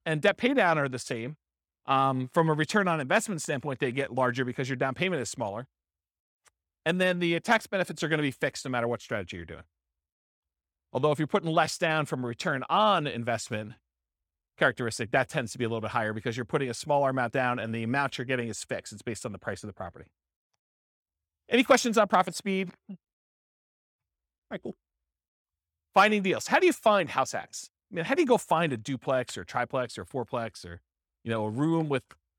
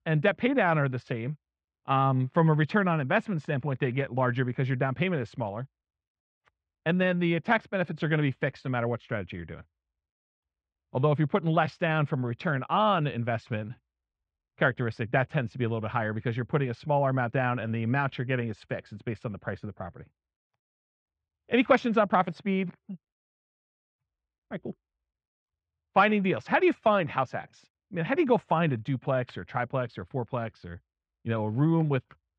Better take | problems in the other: first | muffled; very; fading above 3 kHz

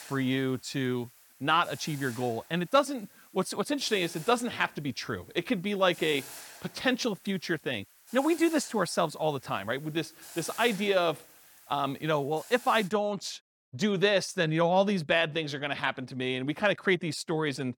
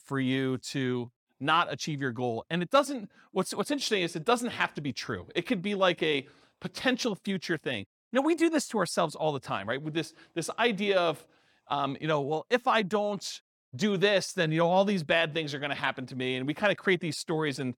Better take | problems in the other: second | hiss; noticeable; until 13 s; 20 dB below the speech

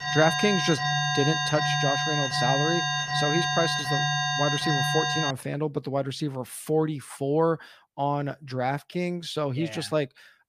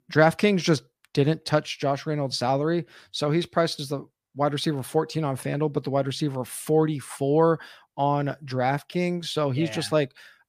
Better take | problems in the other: second | alarm; loud; until 5.5 s; peak 4 dB above the speech

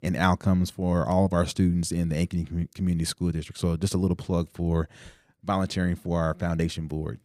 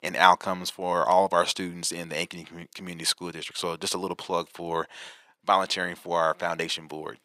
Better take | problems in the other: first | thin; very; fading below 500 Hz

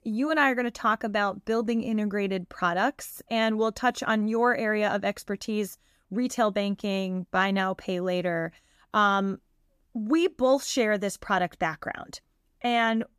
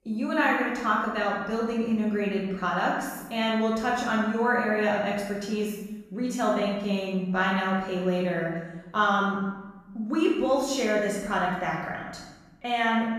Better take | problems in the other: first | room echo; noticeable; dies away in 1 s // off-mic speech; far

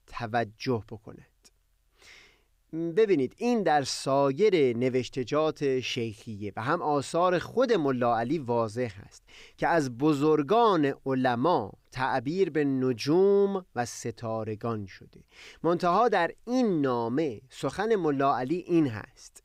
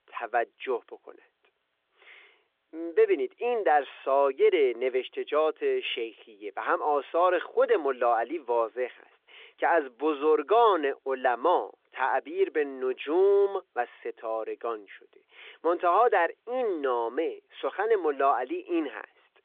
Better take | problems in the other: first | phone-call audio; nothing above 3.5 kHz

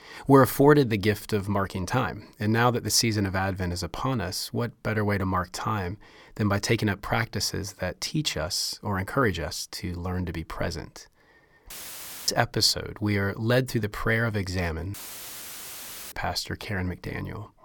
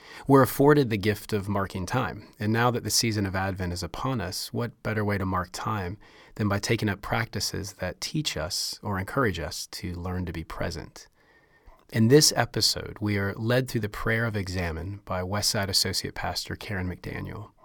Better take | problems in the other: second | audio cutting out; filled with static; at 12 s for 0.5 s and at 15 s for 1 s

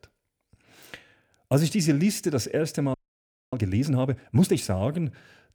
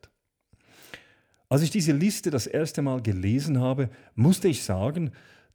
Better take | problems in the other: second | audio freezing; at 3 s for 0.5 s

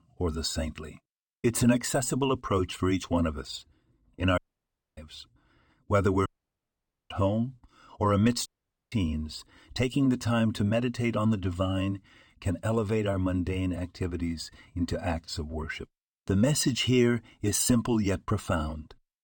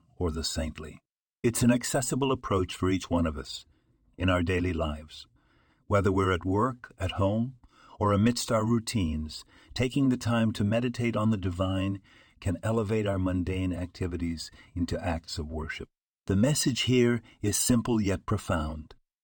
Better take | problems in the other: second | audio cutting out; at 4.5 s for 0.5 s, at 6.5 s for 1 s and at 8.5 s

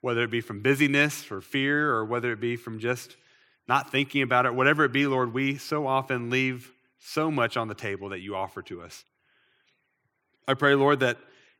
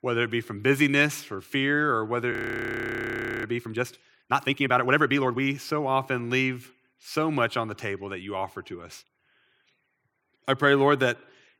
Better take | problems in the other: first | audio freezing; at 2.5 s for 1 s

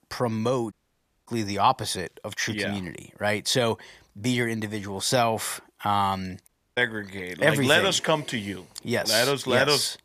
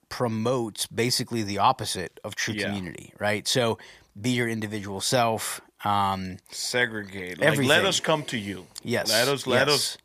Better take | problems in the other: second | audio cutting out; at 0.5 s for 0.5 s and at 6.5 s

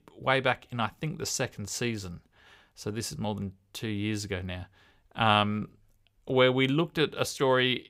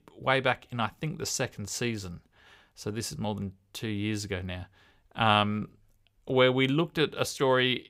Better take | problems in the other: neither | none

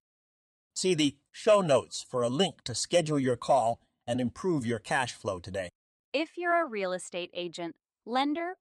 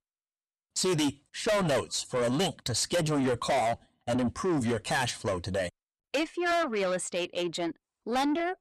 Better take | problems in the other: first | distortion; heavy; 6 dB below the speech

